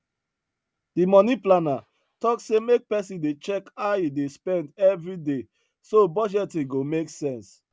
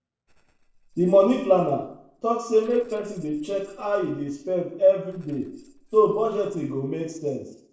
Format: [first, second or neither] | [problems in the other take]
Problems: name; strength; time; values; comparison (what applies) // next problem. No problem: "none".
first | noise reduction (neural separator model SepFormer DNS4)